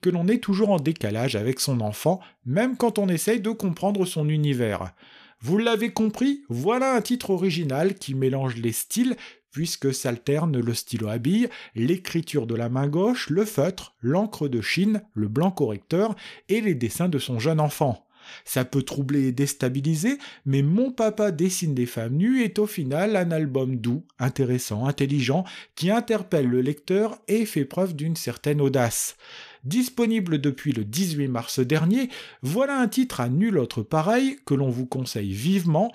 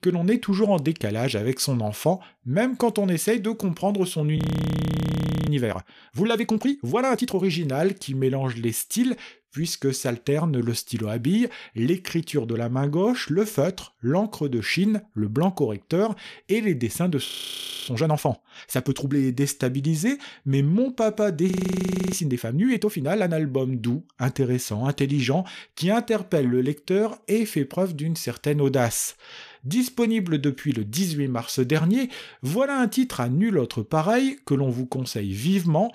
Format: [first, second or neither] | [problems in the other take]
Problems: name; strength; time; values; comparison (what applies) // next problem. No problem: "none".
first | audio freezing; at 4.5 s for 1 s, at 17 s for 0.5 s and at 22 s for 0.5 s